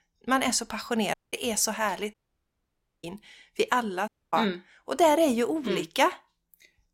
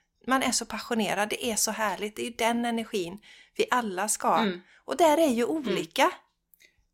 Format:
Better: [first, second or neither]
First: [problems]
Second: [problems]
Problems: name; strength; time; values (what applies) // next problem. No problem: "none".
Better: second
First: audio cutting out; at 1 s, at 2 s for 1 s and at 4 s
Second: none